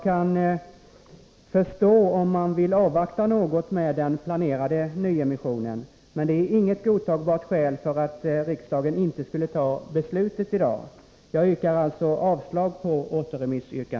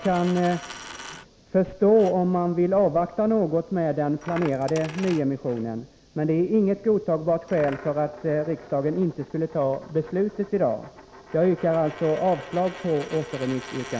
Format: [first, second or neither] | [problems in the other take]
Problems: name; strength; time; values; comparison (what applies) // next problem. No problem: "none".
first | background sound (Coin (dropping)); 19 dB below the speech